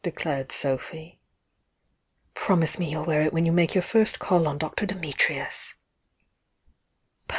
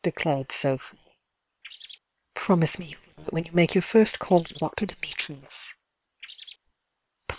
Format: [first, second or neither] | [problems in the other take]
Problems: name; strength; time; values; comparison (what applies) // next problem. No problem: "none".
first | noise reduction (neural separator model SepFormer WHAM!)